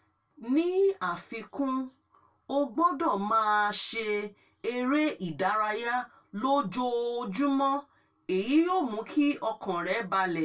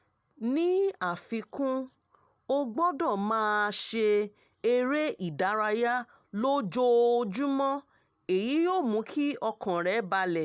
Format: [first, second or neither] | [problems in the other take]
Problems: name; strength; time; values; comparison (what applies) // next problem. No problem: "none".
second | room echo; dies away in 0.2 s